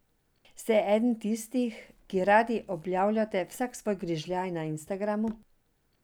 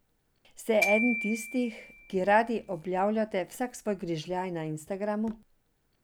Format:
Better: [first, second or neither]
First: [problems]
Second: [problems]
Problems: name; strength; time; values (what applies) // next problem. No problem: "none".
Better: first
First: none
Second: background sound (Glockenspiel); 7 dB below the speech